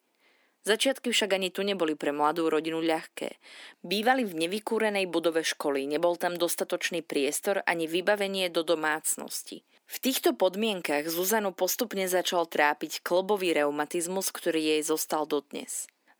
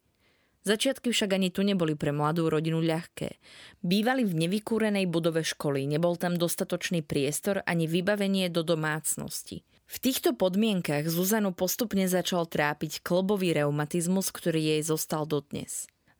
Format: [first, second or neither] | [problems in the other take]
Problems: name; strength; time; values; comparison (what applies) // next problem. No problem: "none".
second | thin; somewhat; fading below 250 Hz